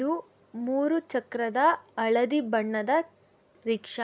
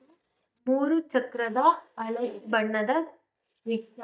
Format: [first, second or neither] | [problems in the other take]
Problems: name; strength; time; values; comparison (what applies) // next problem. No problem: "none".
first | noise reduction (neural mask model DeepFilterNet 3)